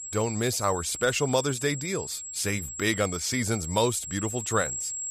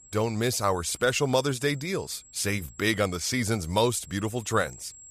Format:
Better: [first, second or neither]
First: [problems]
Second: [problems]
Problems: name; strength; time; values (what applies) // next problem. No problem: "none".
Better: second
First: high-pitched whine; loud; throughout; 7.5 kHz, 7 dB below the speech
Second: high-pitched whine; faint; throughout; 7.5 kHz, 20 dB below the speech